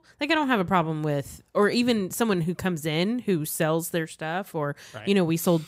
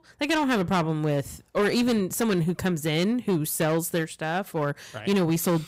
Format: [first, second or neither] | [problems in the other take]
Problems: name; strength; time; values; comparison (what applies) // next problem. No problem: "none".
first | distortion; slight; 12% of the sound clipped